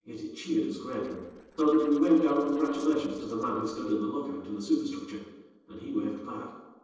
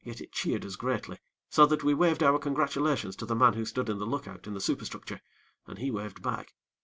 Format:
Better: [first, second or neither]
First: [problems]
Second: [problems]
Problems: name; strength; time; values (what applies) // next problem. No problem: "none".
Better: second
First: noise reduction (neural separator model SepFormer DNS4)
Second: none